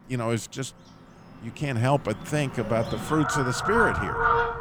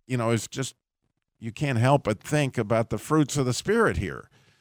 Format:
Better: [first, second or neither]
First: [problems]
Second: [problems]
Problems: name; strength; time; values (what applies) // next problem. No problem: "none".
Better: second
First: animal sounds; very loud; throughout; 1 dB above the speech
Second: none